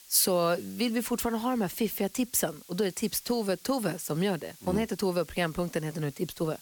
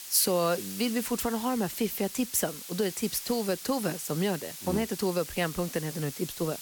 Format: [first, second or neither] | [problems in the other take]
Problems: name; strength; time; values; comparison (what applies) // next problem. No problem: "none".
first | hiss; loud; throughout; 9 dB below the speech; faint in the first